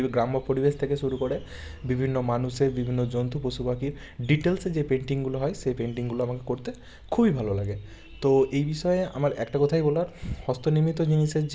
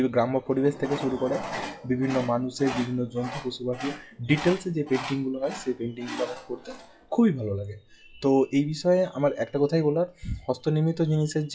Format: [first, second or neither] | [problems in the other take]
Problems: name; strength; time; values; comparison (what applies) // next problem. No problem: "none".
first | noise reduction (classical method WPE with log-MMSE)